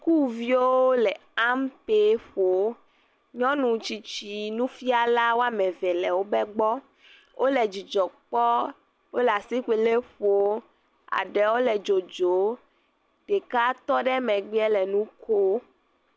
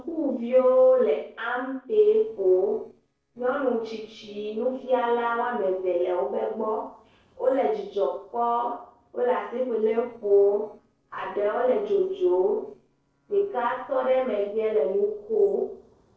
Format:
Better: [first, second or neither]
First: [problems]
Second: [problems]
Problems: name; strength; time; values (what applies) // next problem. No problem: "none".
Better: first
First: none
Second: noise reduction (neural separator model SepFormer DNS4)